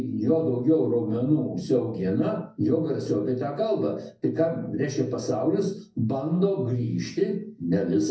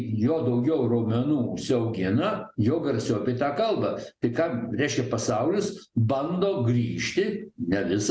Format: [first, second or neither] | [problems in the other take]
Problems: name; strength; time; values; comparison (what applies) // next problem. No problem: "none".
second | room echo; dies away in 0.3 s